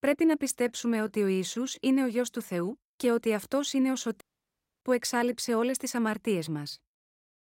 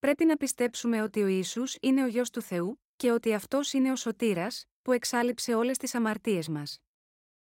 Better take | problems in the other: second | audio cutting out; at 4 s for 0.5 s

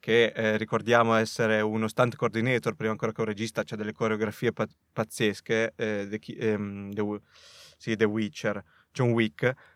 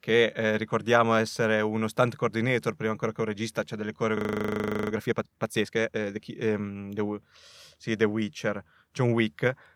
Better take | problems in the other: first | audio freezing; at 4 s for 0.5 s

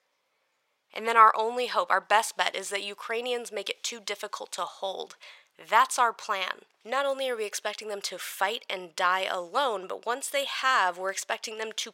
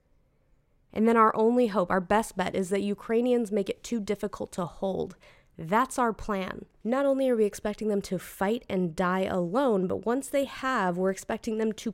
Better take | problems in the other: second | thin; very; fading below 900 Hz

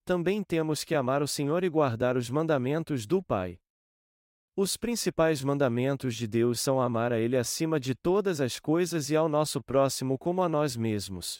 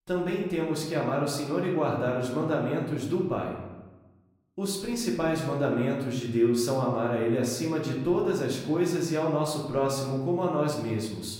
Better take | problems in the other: first | room echo; noticeable; dies away in 0.9 s // off-mic speech; far

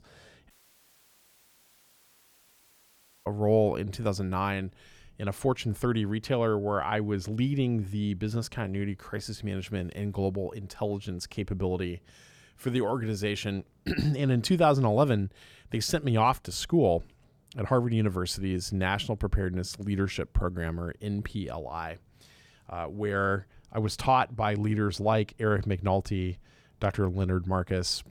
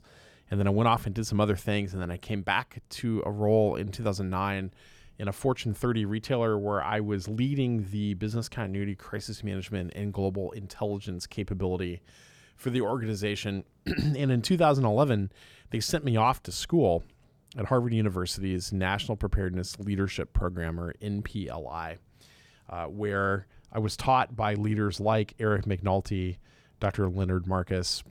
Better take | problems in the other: second | audio cutting out; at 0.5 s for 3 s

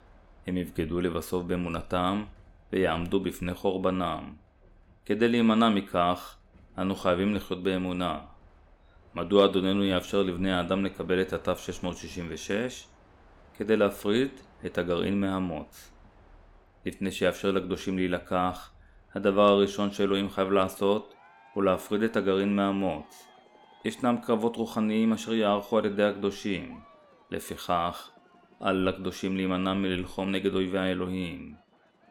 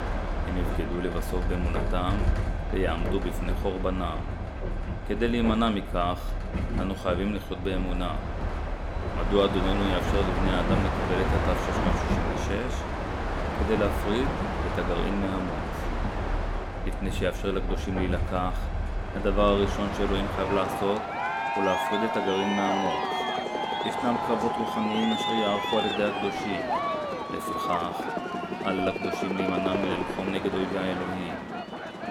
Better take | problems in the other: first | train or aircraft noise; loud; throughout; as loud as the speech; faint in the first

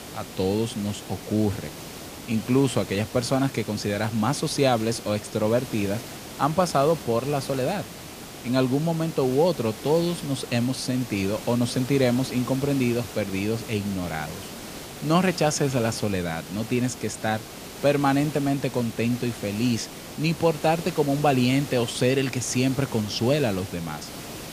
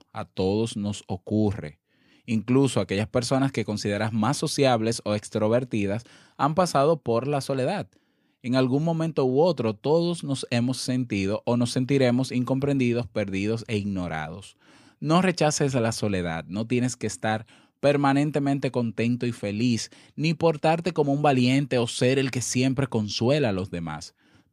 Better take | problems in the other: second | hiss; noticeable; throughout; 10 dB below the speech

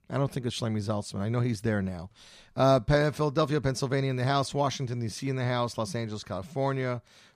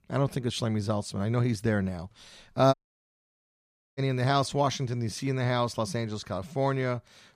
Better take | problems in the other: first | audio cutting out; at 2.5 s for 1 s

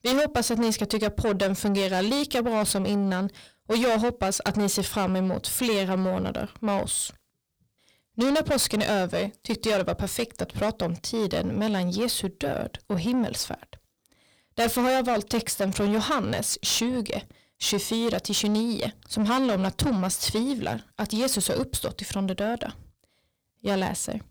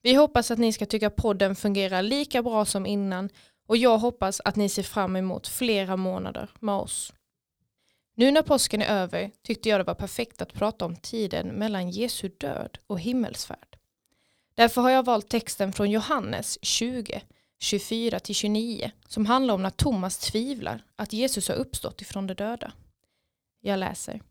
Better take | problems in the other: second | distortion; heavy; 6 dB below the speech

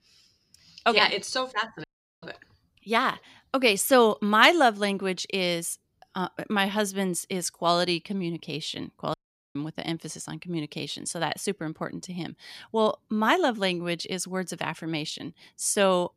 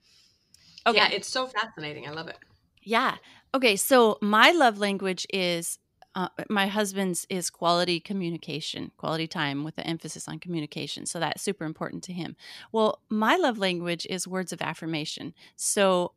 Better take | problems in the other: second | audio cutting out; at 2 s and at 9 s

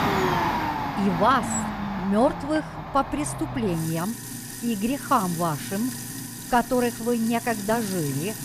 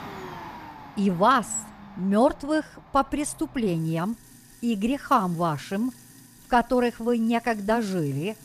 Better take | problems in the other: second | household noises; loud; throughout; 5 dB below the speech; faint in the second

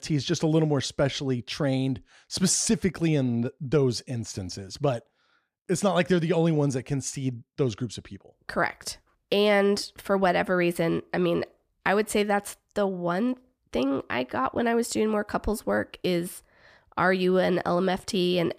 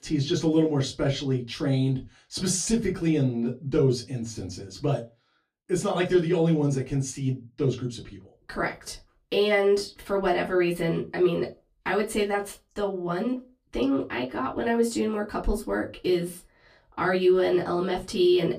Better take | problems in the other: first | off-mic speech; far // room echo; very slight; dies away in 0.2 s

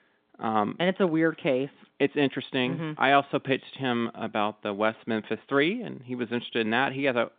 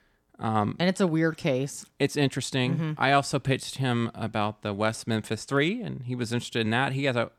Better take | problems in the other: second | phone-call audio; nothing above 3.5 kHz

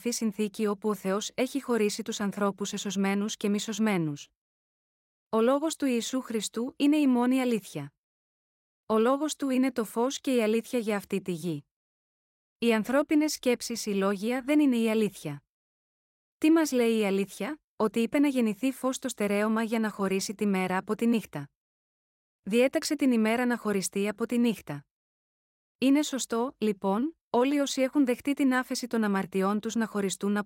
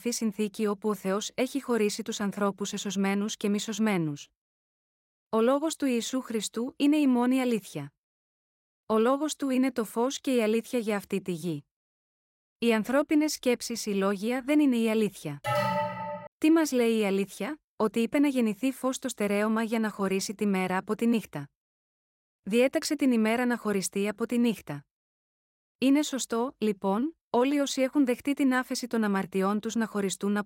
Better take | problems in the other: first | alarm; loud; at 15 s; peak level with the speech

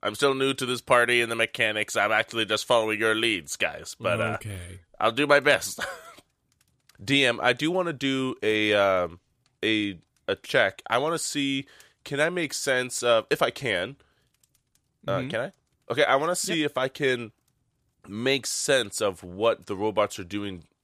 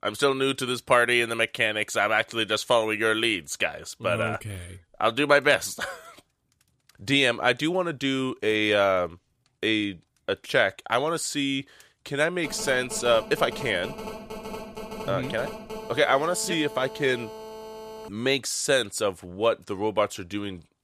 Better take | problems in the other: first | phone ringing; faint; from 12 to 18 s; peak 10 dB below the speech

